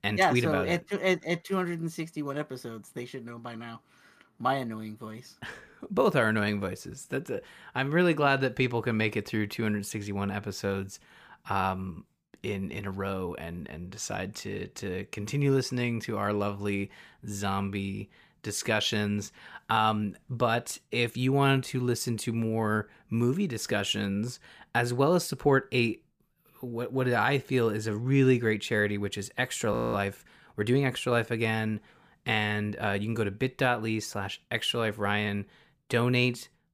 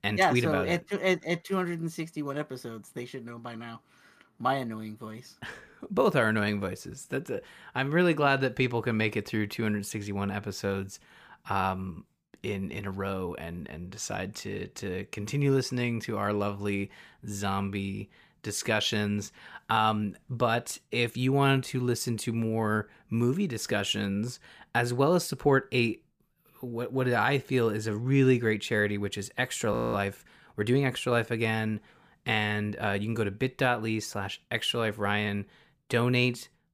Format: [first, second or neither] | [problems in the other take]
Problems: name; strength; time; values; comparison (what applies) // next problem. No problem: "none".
neither | audio freezing; at 30 s; the same in both